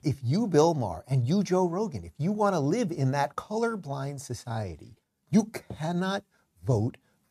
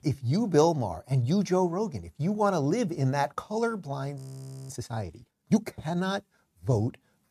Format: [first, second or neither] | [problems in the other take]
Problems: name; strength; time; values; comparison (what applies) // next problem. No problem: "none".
first | audio freezing; at 4 s for 0.5 s